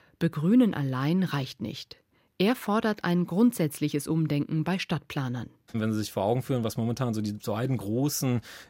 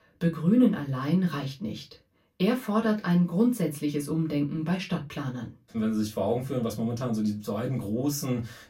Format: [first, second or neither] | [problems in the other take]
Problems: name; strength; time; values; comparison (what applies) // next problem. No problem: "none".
first | off-mic speech; far // room echo; very slight; dies away in 0.2 s